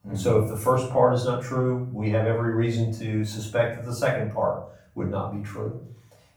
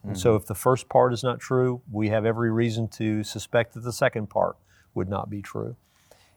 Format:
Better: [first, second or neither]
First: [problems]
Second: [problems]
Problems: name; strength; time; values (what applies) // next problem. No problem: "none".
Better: second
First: off-mic speech; far // room echo; noticeable; dies away in 0.5 s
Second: none